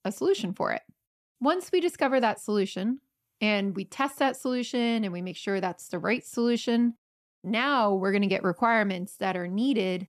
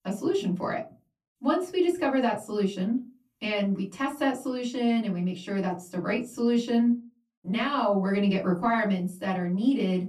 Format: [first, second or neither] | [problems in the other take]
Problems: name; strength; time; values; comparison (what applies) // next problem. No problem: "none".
first | off-mic speech; far // room echo; very slight; dies away in 0.3 s